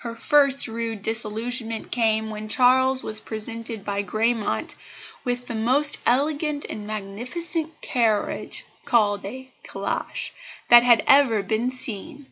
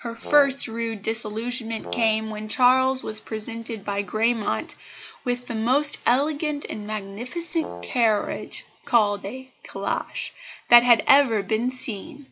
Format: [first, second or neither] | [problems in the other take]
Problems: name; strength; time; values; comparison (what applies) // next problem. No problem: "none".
first | background sound (Brass instrument); 12 dB below the speech